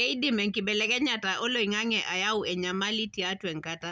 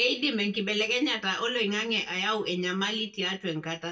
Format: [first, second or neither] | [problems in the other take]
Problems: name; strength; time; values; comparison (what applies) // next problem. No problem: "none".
first | noise reduction (neural mask model DeepFilterNet 3)